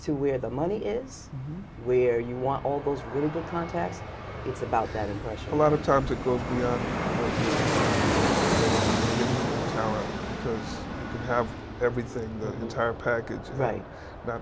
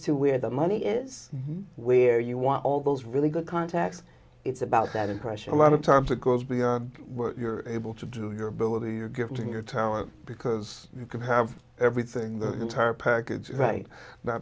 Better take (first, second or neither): second